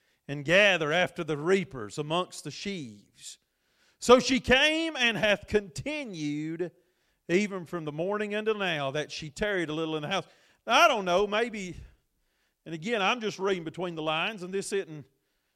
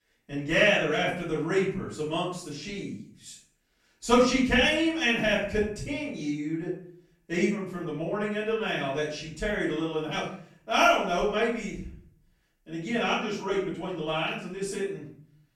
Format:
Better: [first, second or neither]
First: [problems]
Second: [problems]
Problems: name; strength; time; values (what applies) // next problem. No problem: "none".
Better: first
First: none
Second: off-mic speech; far // room echo; noticeable; dies away in 0.5 s